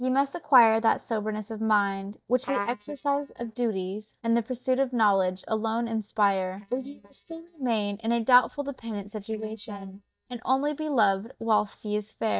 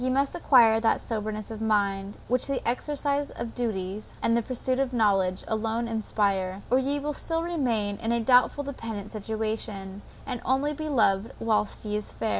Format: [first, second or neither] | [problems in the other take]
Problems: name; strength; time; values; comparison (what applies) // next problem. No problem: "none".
second | noise reduction (neural mask model DeepFilterNet 3)